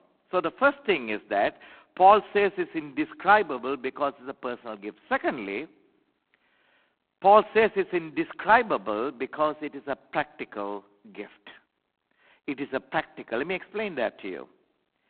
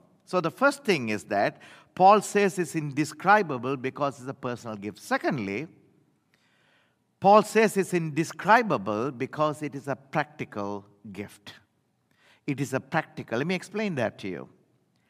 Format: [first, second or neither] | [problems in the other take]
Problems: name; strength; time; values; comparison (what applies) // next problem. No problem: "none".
second | phone-call audio; poor line; nothing above 4 kHz